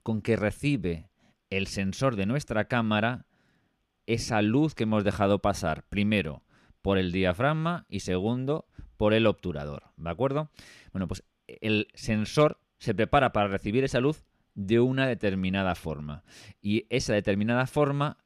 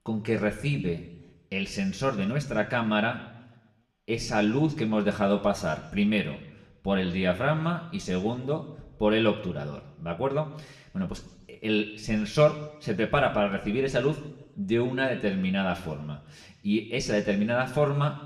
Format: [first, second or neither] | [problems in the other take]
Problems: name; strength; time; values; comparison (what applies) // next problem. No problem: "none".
first | room echo; very slight; dies away in 0.8 s